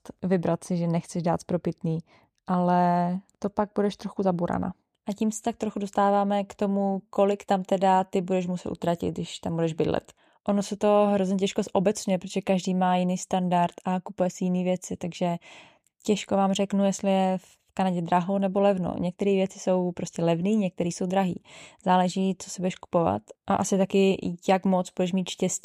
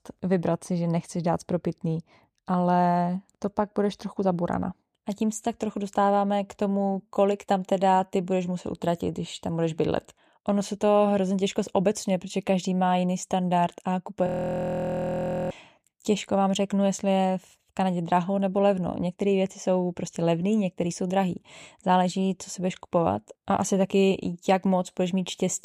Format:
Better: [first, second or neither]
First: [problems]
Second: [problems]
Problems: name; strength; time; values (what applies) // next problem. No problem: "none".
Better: first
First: none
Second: audio freezing; at 14 s for 1 s